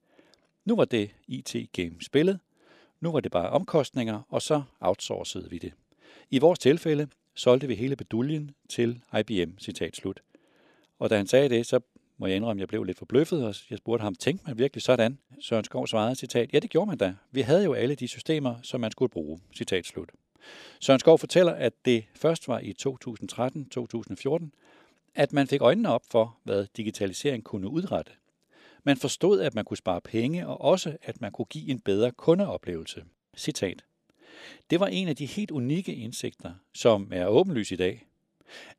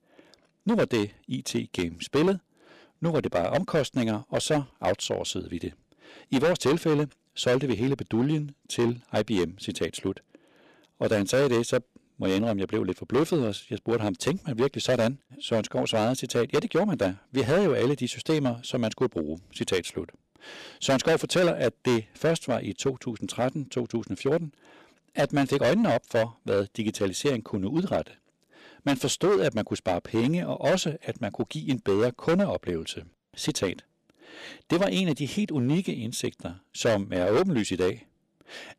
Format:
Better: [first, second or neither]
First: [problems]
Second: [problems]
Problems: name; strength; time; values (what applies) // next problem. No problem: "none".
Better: first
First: none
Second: distortion; heavy; 8% of the sound clipped